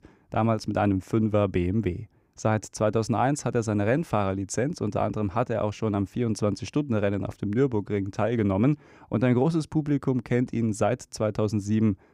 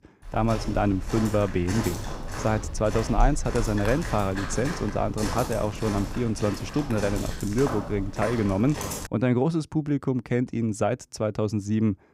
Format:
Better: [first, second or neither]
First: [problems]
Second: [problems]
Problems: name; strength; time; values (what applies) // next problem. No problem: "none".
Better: first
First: none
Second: footsteps; noticeable; until 9 s; peak 2 dB below the speech